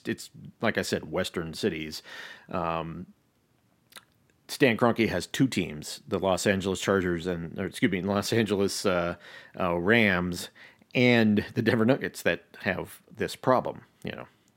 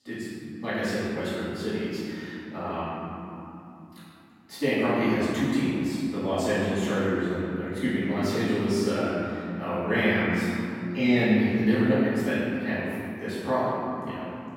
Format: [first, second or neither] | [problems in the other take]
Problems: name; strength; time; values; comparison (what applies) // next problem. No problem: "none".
first | room echo; strong; dies away in 3 s // off-mic speech; far